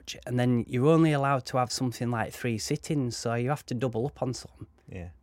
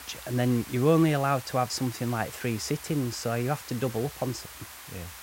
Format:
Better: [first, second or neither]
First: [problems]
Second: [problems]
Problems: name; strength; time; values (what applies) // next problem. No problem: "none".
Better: first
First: none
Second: hiss; noticeable; throughout; 15 dB below the speech